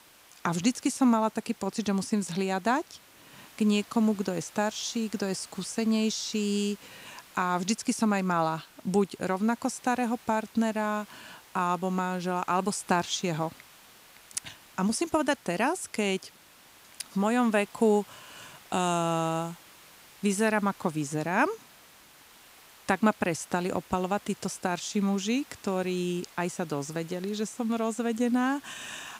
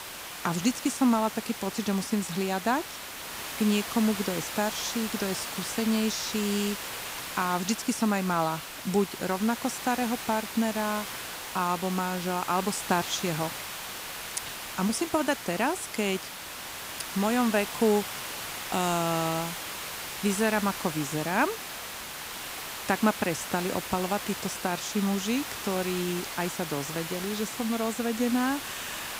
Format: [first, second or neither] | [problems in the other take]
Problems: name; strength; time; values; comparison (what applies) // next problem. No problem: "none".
first | hiss; loud; throughout; 6 dB below the speech; faint in the first